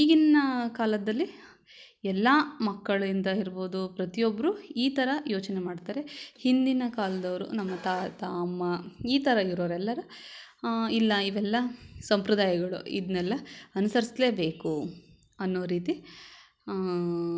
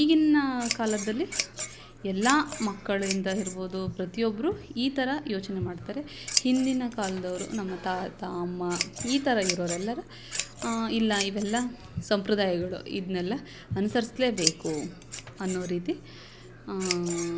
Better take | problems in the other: first | background sound (Scissors); 8 dB below the speech

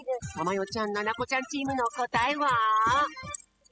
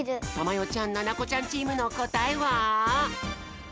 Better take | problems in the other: second | noise reduction (classical method spectral subtraction)

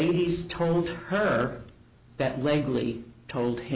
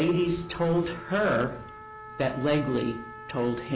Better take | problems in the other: first | background sound (Trumpet); 16 dB below the speech

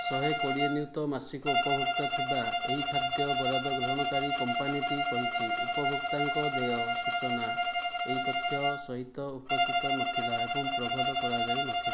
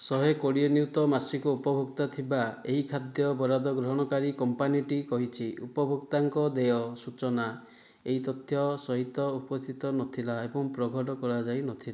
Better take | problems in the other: second | background sound (Bowed string instrument); 5 dB above the speech

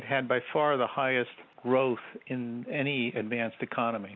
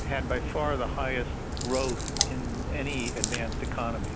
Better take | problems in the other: first | background sound (Crack); 2 dB above the speech

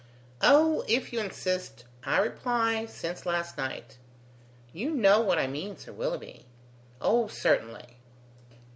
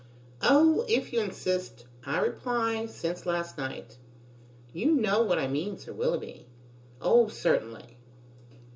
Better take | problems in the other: first | room echo; dies away in 0.2 s

